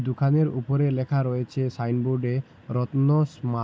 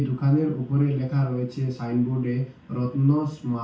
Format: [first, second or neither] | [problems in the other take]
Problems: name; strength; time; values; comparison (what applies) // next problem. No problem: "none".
first | room echo; dies away in 0.4 s